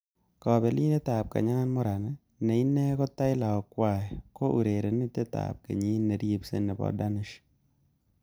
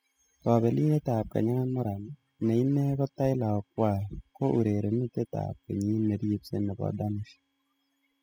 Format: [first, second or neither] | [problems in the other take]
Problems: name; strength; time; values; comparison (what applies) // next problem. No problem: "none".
first | noise reduction (classical method spectral subtraction)